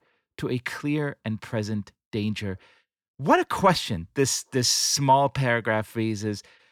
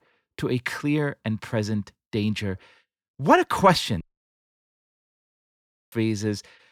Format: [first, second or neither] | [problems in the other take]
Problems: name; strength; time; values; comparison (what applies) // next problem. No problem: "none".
first | audio cutting out; at 4 s for 2 s